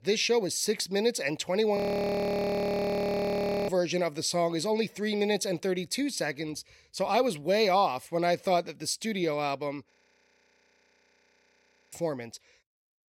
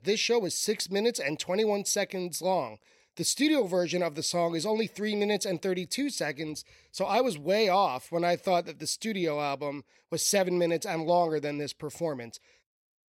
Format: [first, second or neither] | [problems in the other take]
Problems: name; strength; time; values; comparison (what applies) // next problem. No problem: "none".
second | audio freezing; at 2 s for 2 s and at 10 s for 2 s